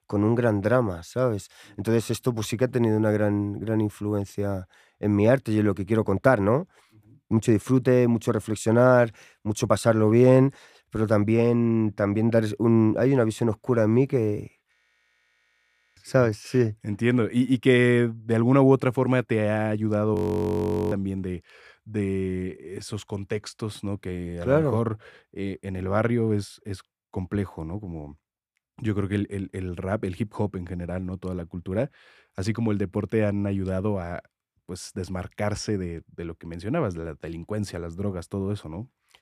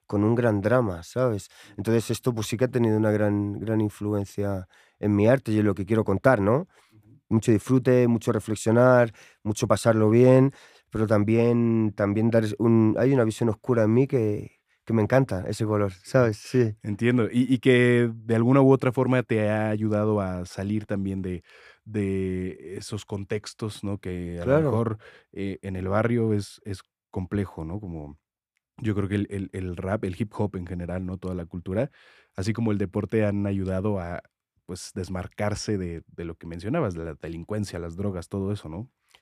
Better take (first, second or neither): second